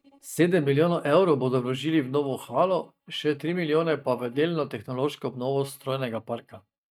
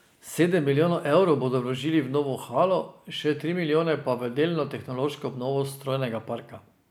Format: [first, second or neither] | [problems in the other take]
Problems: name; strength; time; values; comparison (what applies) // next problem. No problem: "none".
second | noise reduction (neural mask model DeepFilterNet 3)